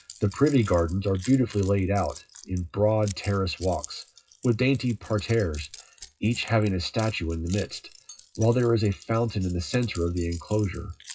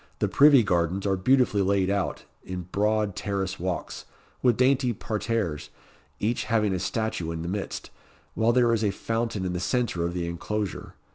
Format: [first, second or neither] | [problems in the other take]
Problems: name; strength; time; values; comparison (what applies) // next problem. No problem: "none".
second | noise reduction (classical method WPE with log-MMSE)